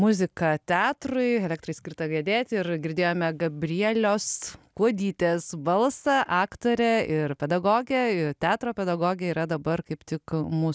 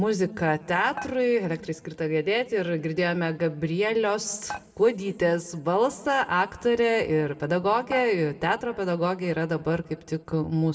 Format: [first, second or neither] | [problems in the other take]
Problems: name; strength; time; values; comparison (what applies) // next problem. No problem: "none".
first | background sound (Dishes, pots, and pans); 17 dB below the speech // room echo; dies away in 1.1 s